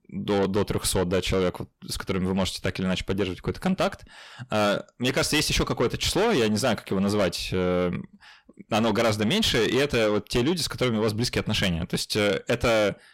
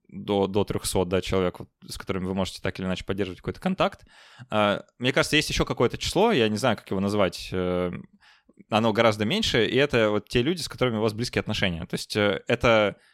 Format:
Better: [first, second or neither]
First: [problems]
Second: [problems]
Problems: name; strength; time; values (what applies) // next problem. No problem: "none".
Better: second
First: distortion; heavy; 7 dB below the speech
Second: none